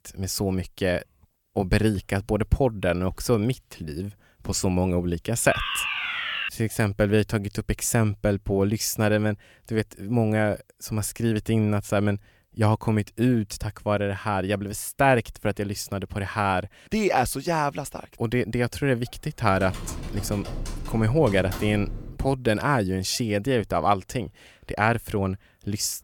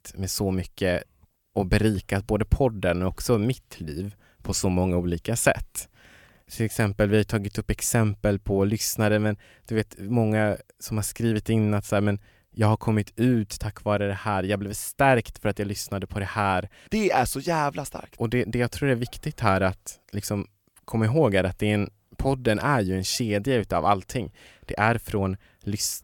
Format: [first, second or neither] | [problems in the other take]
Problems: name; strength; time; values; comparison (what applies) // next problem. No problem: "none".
second | alarm; noticeable; at 5.5 s; peak level with the speech // keyboard typing; noticeable; from 20 to 22 s; peak 9 dB below the speech